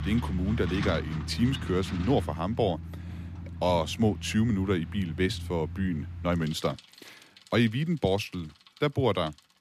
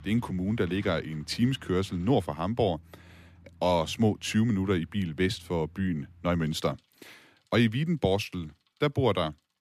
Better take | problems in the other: second | traffic noise; loud; throughout; 9 dB below the speech; faint in the second

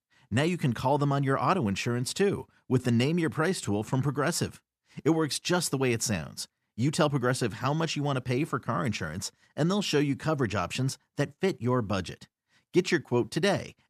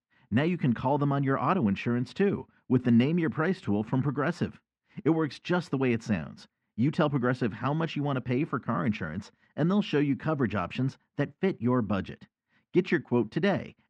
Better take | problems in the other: first | muffled; slightly; fading above 2.5 kHz

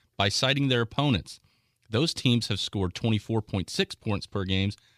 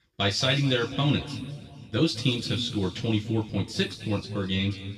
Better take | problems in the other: first | room echo; noticeable; dies away in 1.9 s // off-mic speech; far

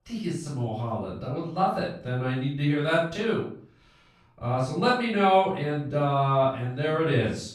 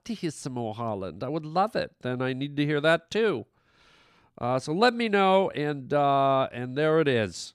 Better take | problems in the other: second | off-mic speech; far // room echo; noticeable; dies away in 0.4 s

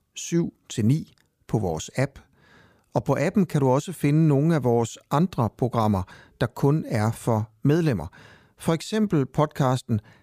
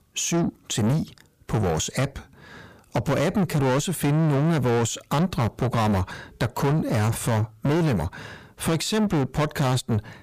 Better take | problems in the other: first | distortion; heavy; 6 dB below the speech

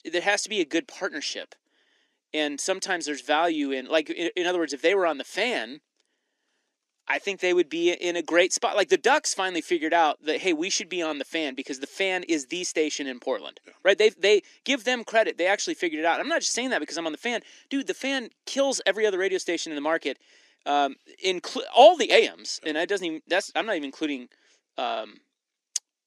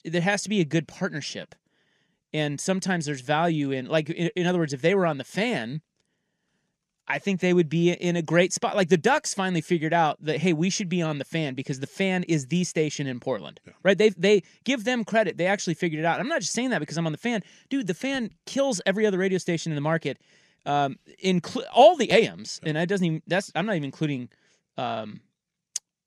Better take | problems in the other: second | thin; somewhat; fading below 300 Hz

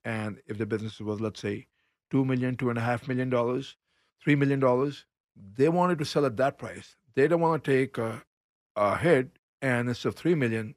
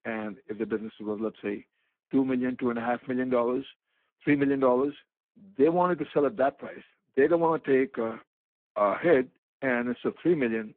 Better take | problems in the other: first | phone-call audio; poor line; nothing above 3.5 kHz

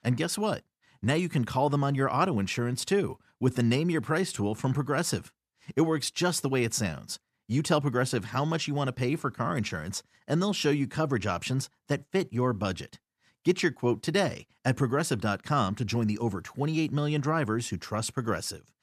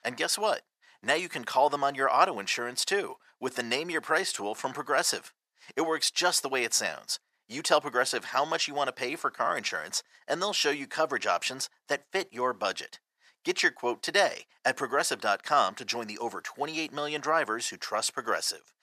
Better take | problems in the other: first | thin; very; fading below 650 Hz

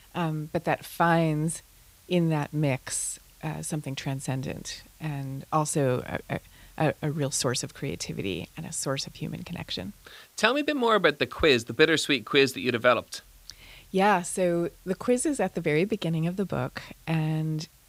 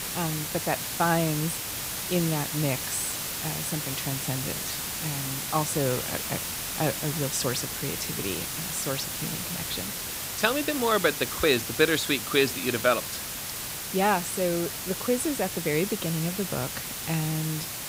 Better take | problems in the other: first | hiss; loud; throughout; 2 dB below the speech; faint in the first

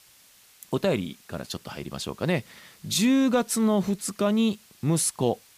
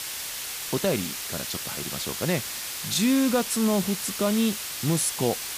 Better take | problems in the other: first | hiss; loud; throughout; 4 dB below the speech; faint in the first

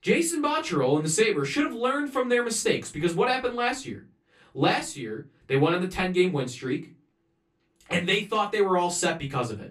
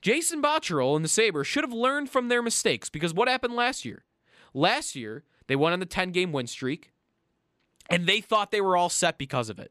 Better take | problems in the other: second | off-mic speech; far // room echo; very slight; dies away in 0.2 s

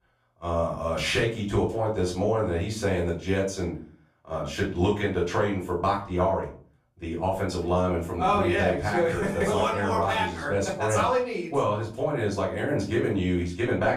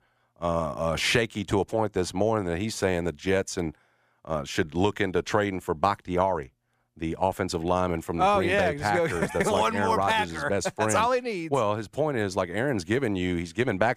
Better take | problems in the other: second | room echo; slight; dies away in 0.3 s // off-mic speech; far

